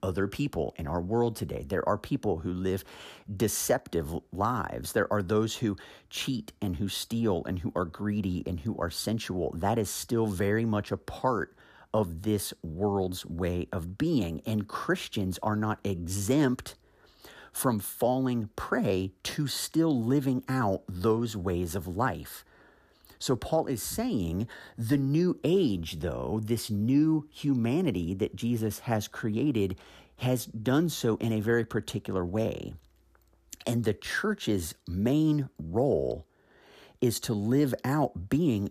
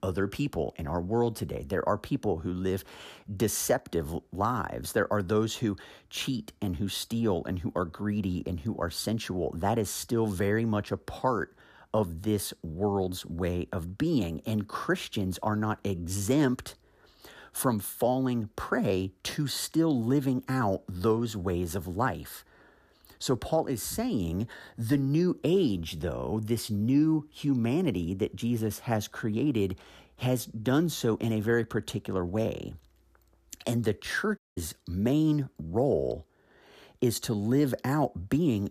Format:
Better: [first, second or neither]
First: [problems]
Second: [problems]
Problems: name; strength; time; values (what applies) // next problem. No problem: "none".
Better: first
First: none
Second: audio cutting out; at 34 s